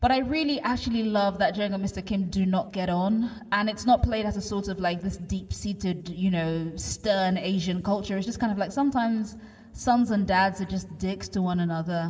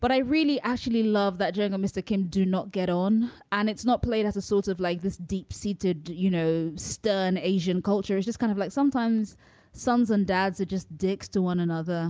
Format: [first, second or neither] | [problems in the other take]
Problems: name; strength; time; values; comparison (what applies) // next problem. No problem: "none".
second | room echo; dies away in 2.4 s